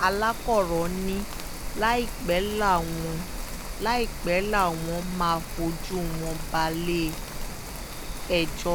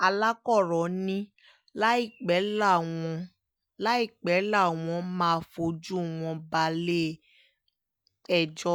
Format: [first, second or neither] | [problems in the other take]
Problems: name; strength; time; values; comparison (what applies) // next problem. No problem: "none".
second | background sound (Rain); 5 dB below the speech